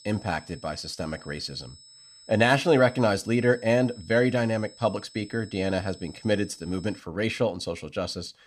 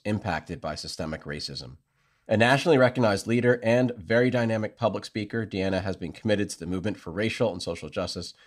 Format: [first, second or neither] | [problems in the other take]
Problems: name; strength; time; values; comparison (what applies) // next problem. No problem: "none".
second | high-pitched whine; faint; until 7 s; 5 kHz, 20 dB below the speech